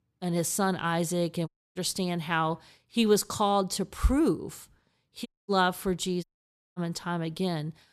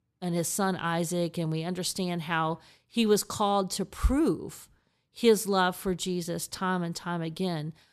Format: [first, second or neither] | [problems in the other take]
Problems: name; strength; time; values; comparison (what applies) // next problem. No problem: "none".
second | audio cutting out; at 1.5 s, at 5.5 s and at 6 s for 0.5 s